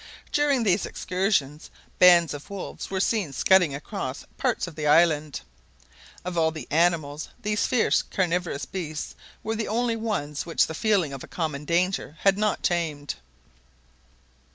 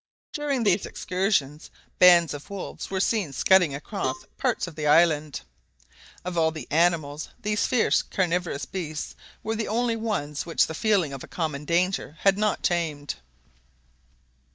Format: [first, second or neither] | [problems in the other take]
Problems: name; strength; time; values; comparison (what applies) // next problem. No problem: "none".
first | noise reduction (neural mask model DeepFilterNet 3)